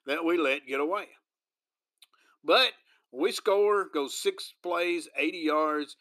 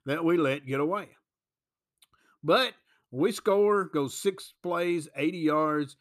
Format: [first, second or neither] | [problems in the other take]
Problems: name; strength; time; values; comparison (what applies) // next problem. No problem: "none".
second | thin; somewhat; fading below 300 Hz